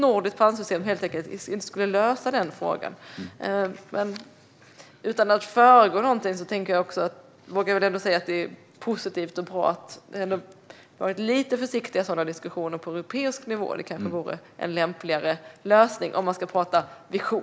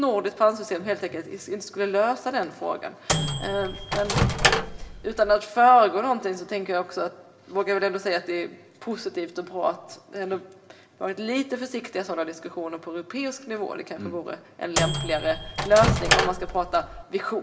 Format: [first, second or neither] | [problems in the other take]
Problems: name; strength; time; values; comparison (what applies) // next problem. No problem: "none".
first | background sound (Microwave oven); 1 dB above the speech // room echo; dies away in 0.6 s